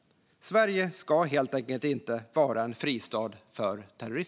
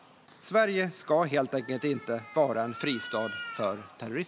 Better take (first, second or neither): first